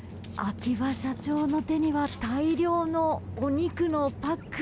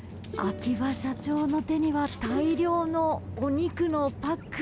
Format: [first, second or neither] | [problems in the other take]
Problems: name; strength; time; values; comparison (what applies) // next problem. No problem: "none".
first | background sound (Plucked string instrument); 14 dB below the speech